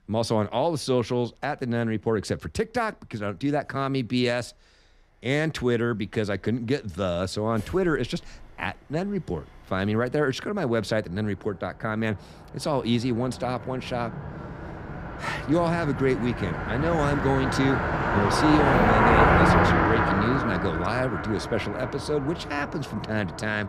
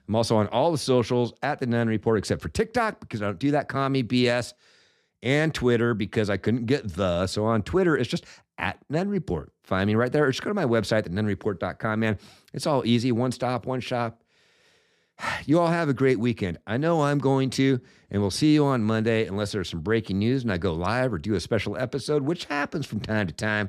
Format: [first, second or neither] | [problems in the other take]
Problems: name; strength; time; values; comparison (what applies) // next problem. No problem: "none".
second | traffic noise; very loud; throughout; 2 dB above the speech